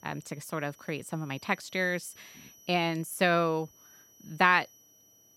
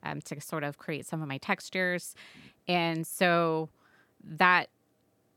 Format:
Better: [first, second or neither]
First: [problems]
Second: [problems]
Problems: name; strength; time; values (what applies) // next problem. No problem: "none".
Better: second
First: high-pitched whine; faint; throughout; 6 kHz, 25 dB below the speech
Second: none